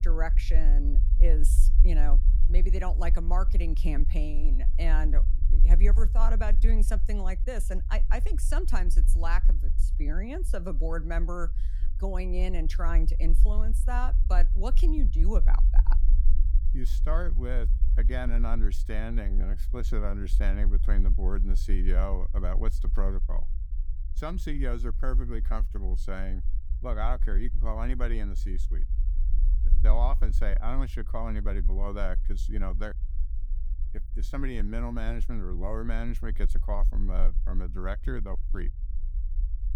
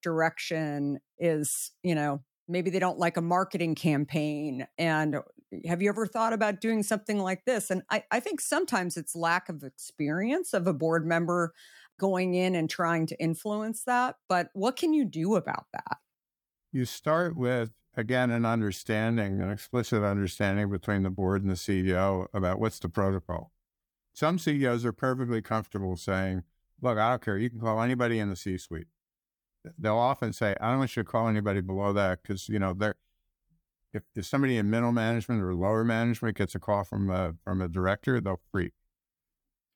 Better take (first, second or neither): second